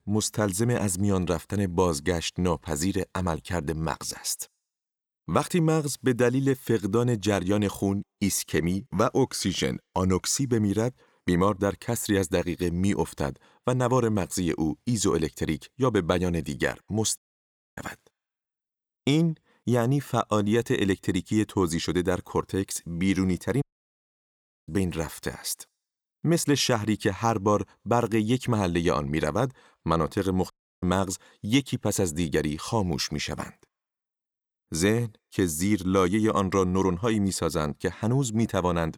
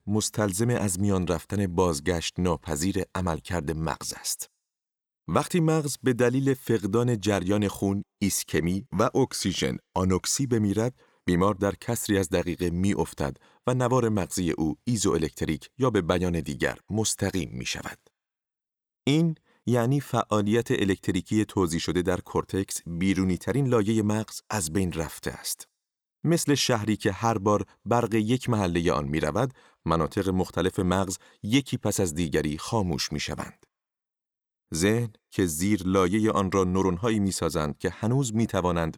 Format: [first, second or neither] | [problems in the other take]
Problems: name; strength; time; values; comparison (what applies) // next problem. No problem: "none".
second | audio cutting out; at 17 s for 0.5 s, at 24 s for 1 s and at 31 s